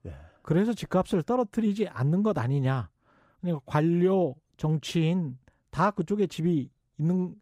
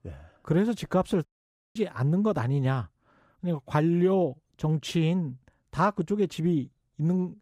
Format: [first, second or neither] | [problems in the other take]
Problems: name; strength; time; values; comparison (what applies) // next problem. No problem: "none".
first | audio cutting out; at 1.5 s for 0.5 s